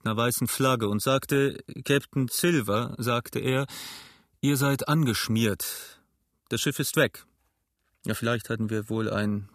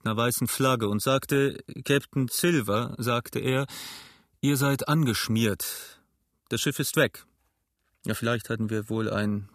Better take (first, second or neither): neither